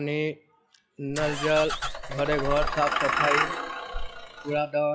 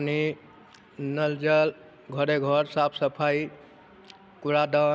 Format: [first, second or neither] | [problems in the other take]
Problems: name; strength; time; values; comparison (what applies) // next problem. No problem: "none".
second | noise reduction (classical method log-MMSE)